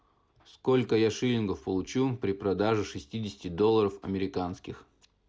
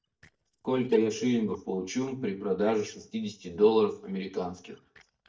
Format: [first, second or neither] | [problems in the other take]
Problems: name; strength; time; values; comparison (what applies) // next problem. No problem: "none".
first | noise reduction (neural mask model DeepFilterNet 3)